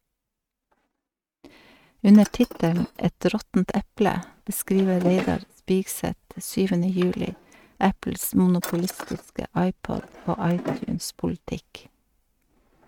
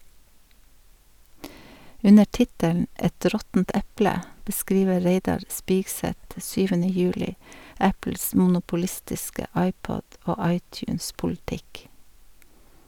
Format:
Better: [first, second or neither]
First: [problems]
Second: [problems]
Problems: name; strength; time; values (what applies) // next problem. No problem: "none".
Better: second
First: noise reduction (neural mask model RNNoise)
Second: none